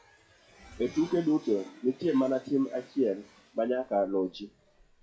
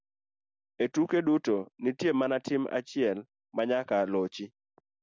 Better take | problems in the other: second | noise reduction (classical method WPE with log-MMSE)

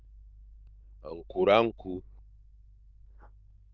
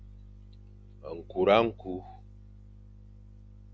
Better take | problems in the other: second | noise reduction (neural diffusion model UNIVERSE++)

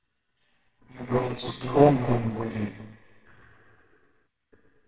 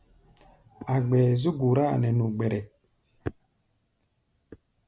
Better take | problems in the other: second | noise reduction (neural separator model SepFormer WHAMR!)

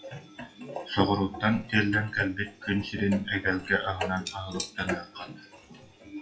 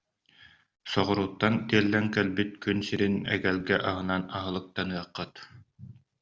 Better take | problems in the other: second | noise reduction (classical method WPE with log-MMSE)

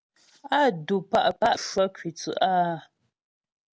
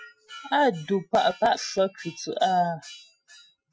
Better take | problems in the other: first | noise reduction (classical method Wiener filter)

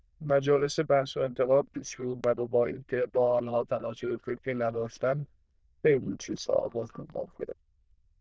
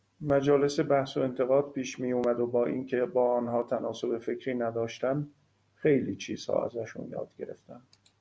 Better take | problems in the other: second | noise reduction (neural diffusion model UNIVERSE++)

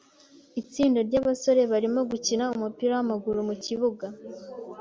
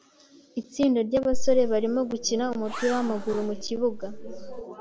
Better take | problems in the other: first | background sound (Zipper (clothing)); 3 dB below the speech

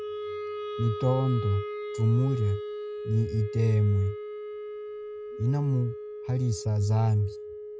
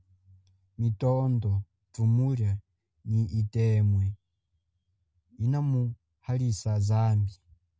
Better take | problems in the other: second | background sound (Wind instrument, woodwind instrument); 9 dB below the speech

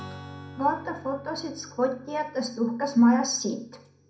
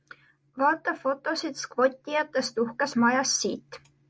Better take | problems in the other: second | background sound (Strum); 19 dB below the speech // room echo; dies away in 0.4 s

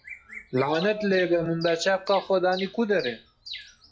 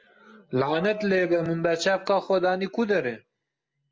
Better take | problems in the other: second | noise reduction (classical method log-MMSE)

